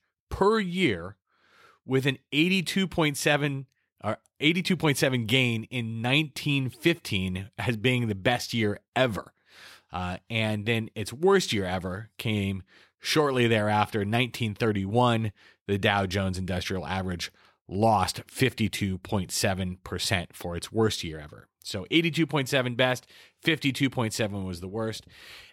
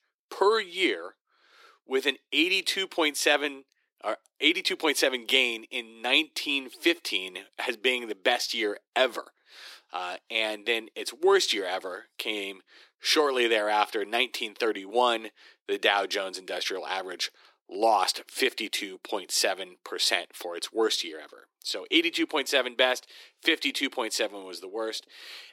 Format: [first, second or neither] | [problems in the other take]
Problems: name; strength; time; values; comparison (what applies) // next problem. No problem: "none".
first | thin; very; fading below 300 Hz